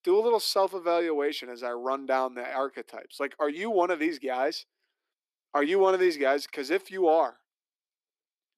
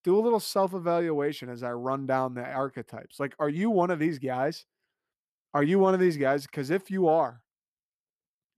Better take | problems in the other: second | thin; somewhat; fading below 300 Hz

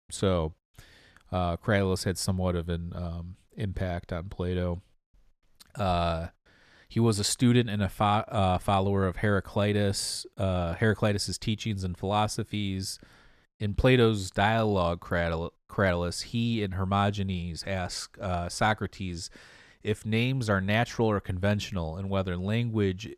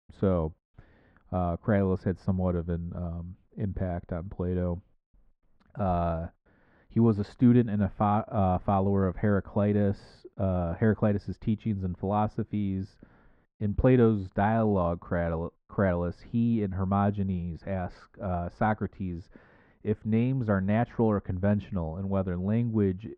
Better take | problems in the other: first | muffled; very; fading above 1 kHz

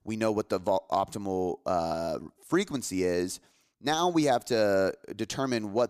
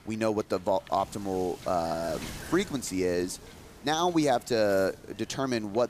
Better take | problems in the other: first | wind noise on the microphone; occasional gusts; 20 dB below the speech

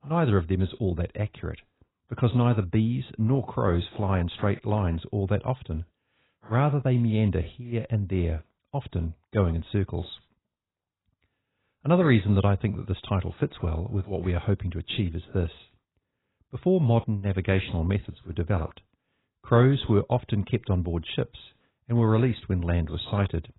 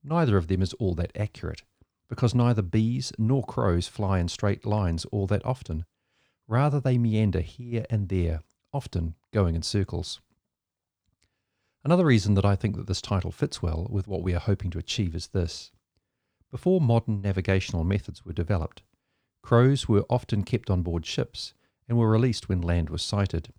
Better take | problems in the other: second | garbled, watery; badly; nothing above 4 kHz

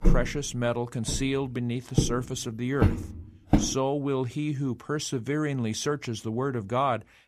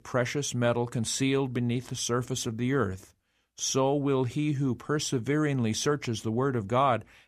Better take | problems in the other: second | footsteps; loud; until 3.5 s; peak 3 dB above the speech

